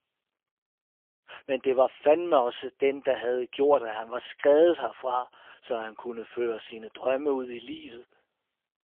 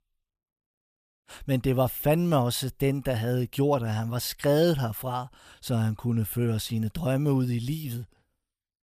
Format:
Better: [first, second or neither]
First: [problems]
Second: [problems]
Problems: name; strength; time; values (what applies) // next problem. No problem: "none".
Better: second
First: phone-call audio; poor line; nothing above 3.5 kHz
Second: none